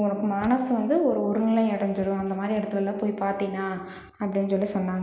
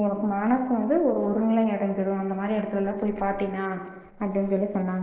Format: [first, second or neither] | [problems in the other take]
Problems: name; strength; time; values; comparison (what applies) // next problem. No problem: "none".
first | noise reduction (neural mask model Resemble Enhance denoiser)